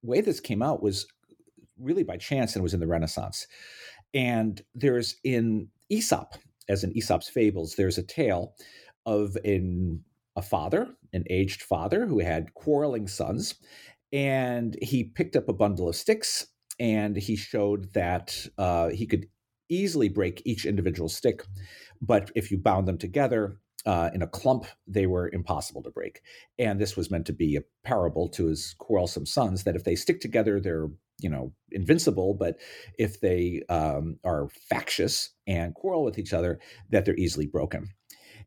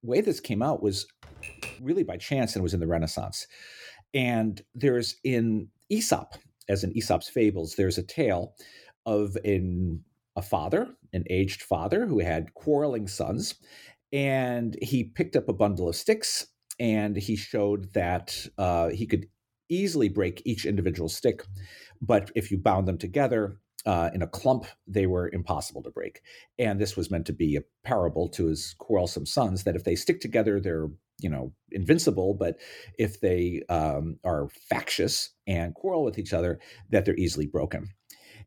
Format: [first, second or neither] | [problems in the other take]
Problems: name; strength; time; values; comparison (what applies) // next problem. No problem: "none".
first | keyboard typing; faint; at 1 s; peak 10 dB below the speech